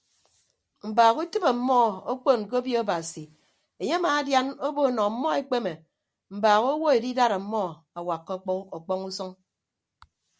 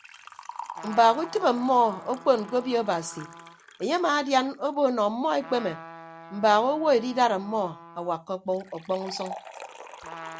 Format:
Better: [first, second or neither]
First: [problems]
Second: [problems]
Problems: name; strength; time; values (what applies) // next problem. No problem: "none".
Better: first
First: none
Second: background sound (Liquid + Trumpet); 17 dB below the speech